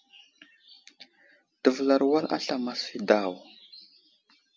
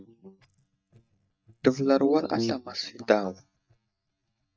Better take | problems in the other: first | noise reduction (neural mask model DeepFilterNet 3)

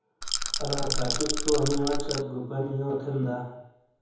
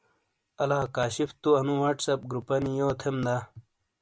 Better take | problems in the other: second | background sound (Rattle / Rattle (instrument)); 2 dB above the speech // room echo; dies away in 2 s

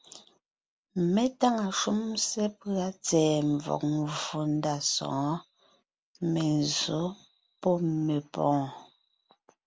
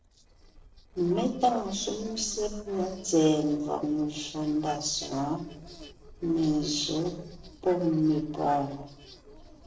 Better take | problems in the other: first | noise reduction (neural separator model SepFormer DNS4)

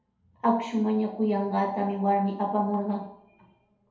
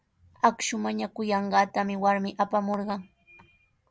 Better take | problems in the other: second | room echo; dies away in 2.1 s

